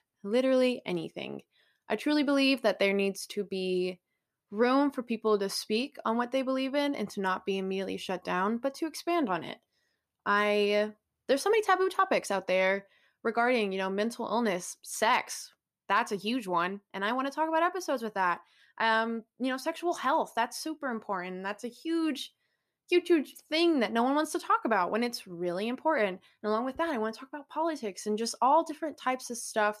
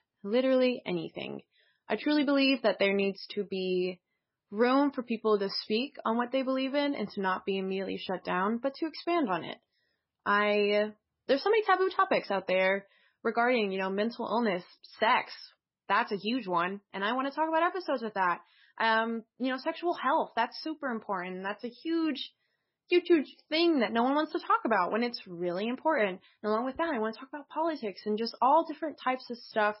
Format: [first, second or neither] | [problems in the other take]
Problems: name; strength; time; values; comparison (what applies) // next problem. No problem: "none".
first | garbled, watery; badly; nothing above 5.5 kHz